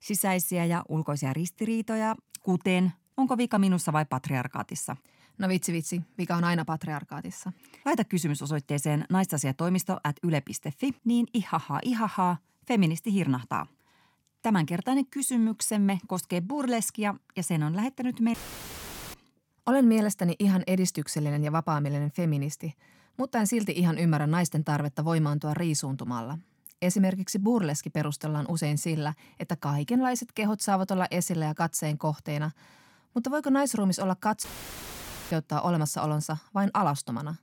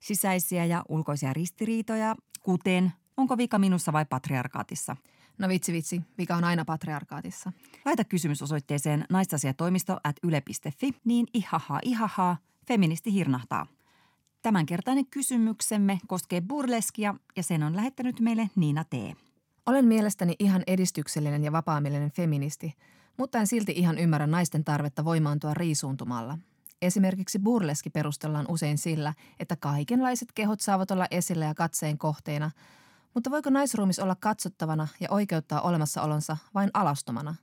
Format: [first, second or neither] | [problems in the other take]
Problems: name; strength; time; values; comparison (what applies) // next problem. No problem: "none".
second | audio cutting out; filled with static; at 18 s for 1 s and at 34 s for 1 s